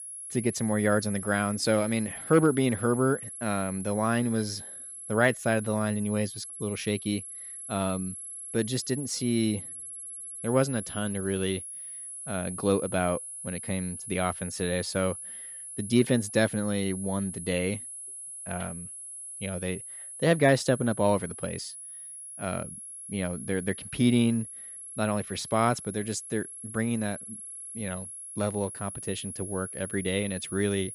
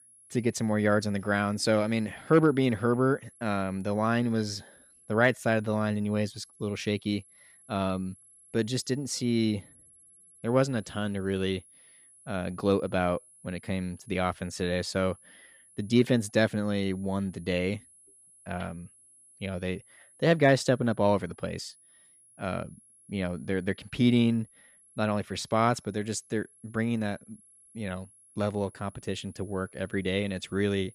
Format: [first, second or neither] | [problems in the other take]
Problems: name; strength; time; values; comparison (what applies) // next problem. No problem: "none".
second | high-pitched whine; loud; throughout; 11 kHz, 9 dB below the speech; faint in the second